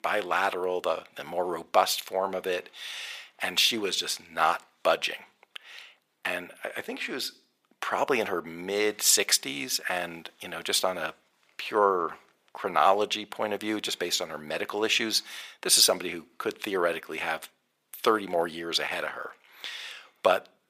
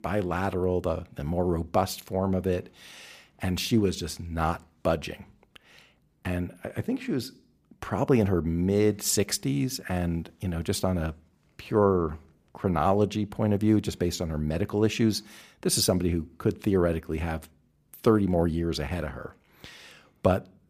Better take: second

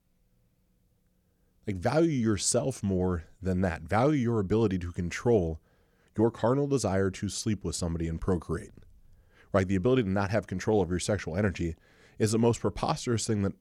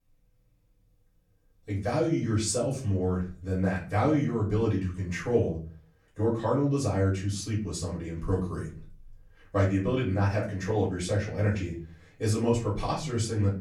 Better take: first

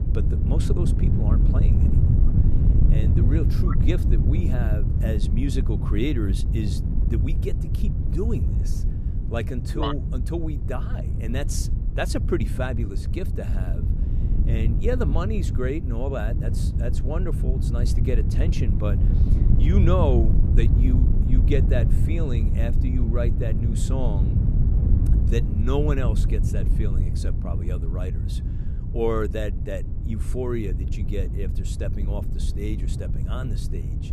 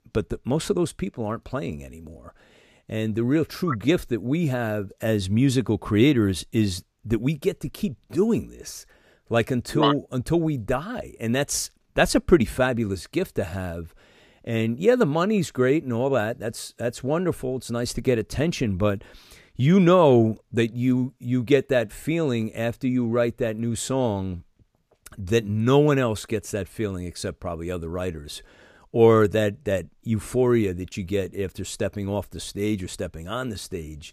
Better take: second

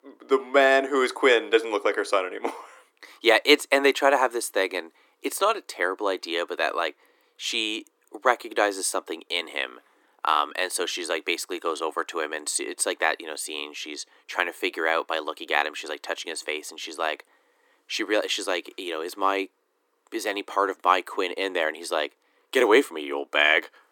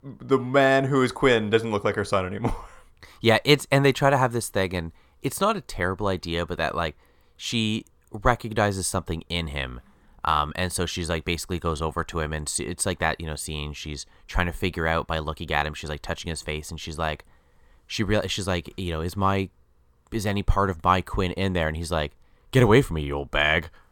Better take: second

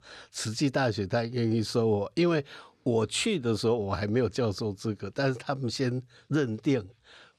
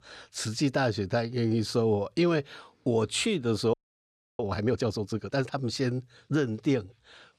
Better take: first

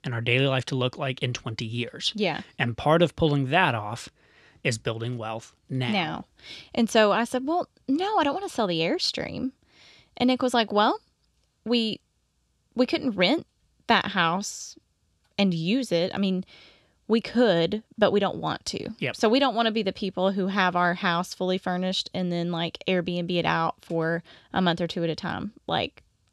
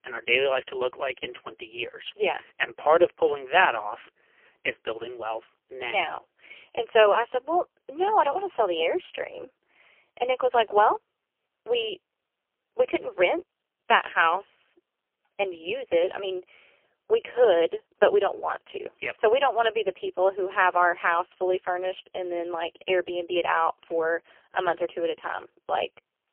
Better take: first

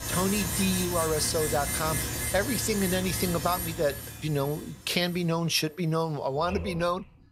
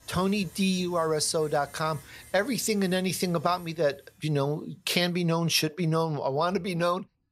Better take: second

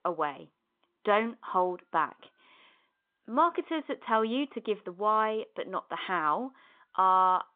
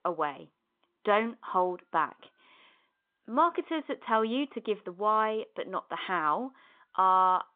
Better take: neither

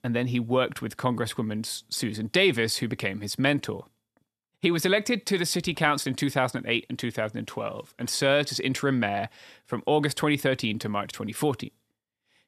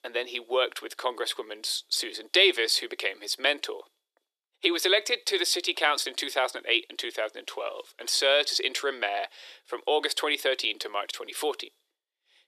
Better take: first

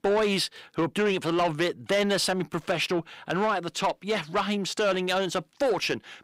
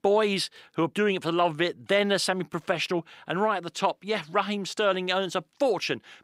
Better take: second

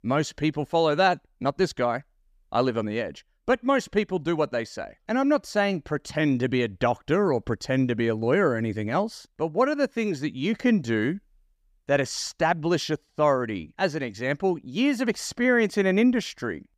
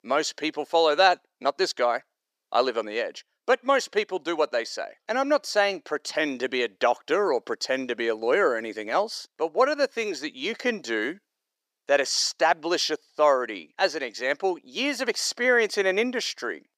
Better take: first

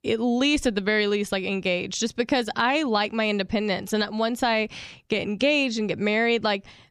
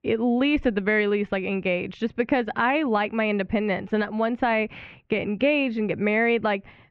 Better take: first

